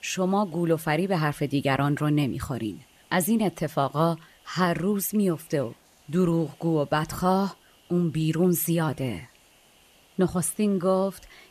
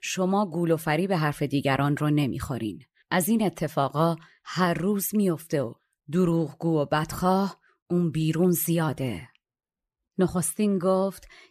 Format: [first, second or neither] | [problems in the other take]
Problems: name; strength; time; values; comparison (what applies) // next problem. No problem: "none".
second | hiss; faint; throughout; 30 dB below the speech